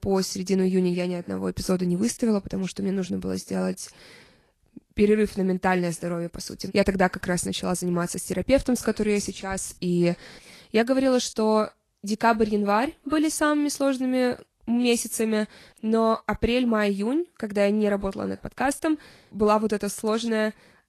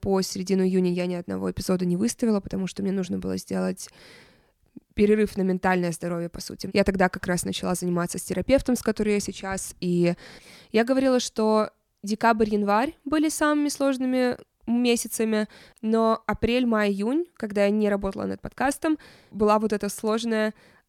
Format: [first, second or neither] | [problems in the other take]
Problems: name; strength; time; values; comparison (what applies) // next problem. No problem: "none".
second | garbled, watery; slightly; nothing above 12.5 kHz